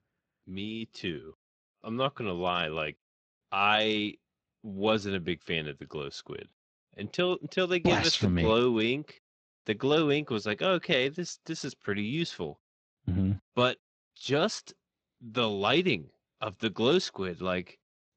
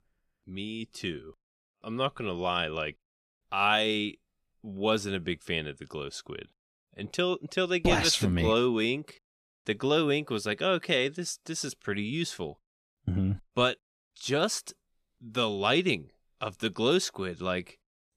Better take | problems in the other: second | garbled, watery; slightly

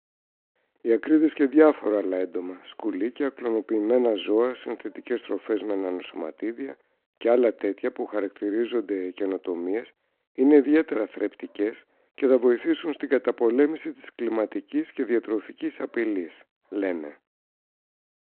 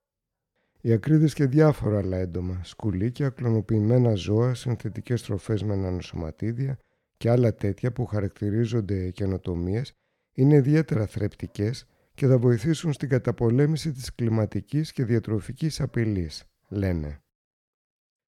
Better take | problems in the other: second | phone-call audio

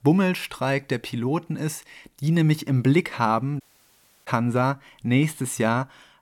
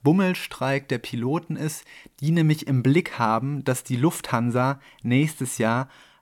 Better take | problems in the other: second | audio cutting out; at 3.5 s for 0.5 s

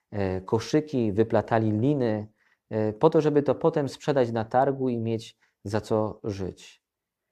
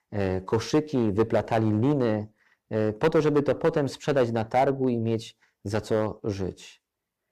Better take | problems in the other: first | distortion; slight; 4% of the sound clipped

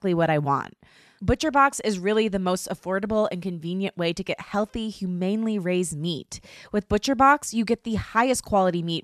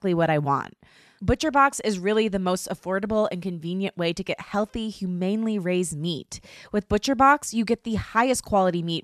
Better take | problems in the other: neither | none

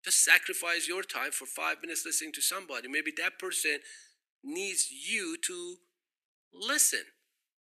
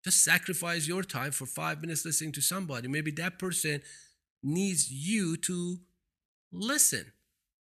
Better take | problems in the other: second | thin; very; fading below 300 Hz

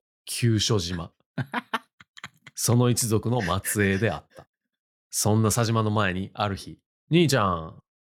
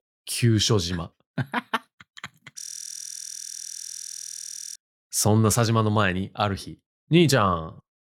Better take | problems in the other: first | audio freezing; at 2.5 s for 2 s

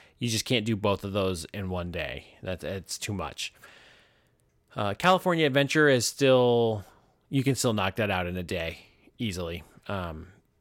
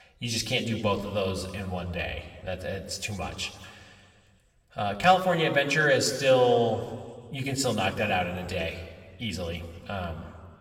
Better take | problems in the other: first | room echo; slight; dies away in 1.5 s // off-mic speech; somewhat distant

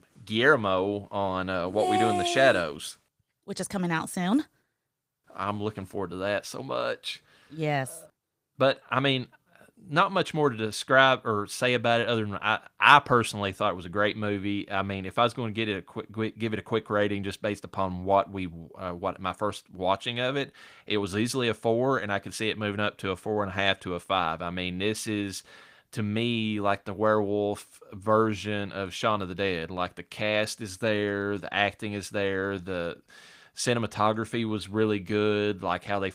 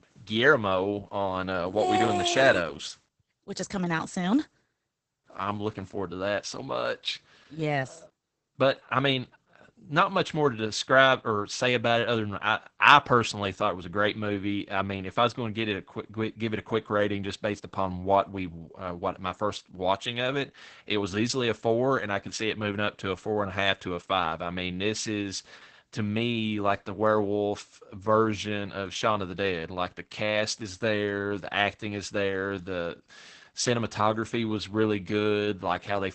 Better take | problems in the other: first | garbled, watery; badly; nothing above 8 kHz; slightly in the first

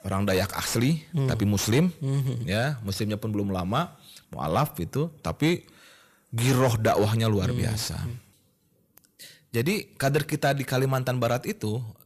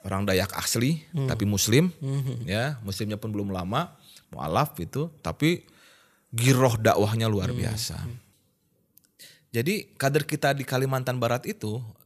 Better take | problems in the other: second | distortion; slight; 10 dB below the speech

